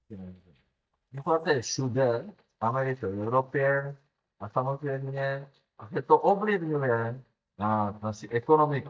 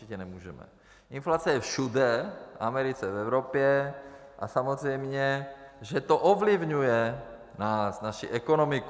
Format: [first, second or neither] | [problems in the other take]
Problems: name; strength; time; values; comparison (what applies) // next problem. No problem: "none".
second | noise reduction (neural mask model DeepFilterNet 3)